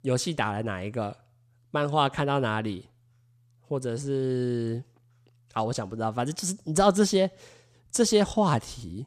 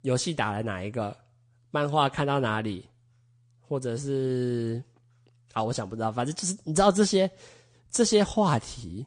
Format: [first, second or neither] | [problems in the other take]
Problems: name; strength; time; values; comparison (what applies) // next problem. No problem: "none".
first | garbled, watery; slightly; nothing above 9.5 kHz